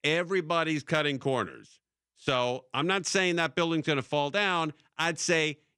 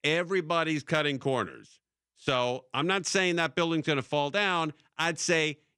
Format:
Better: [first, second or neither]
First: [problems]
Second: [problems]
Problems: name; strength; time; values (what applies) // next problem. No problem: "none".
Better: neither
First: none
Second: none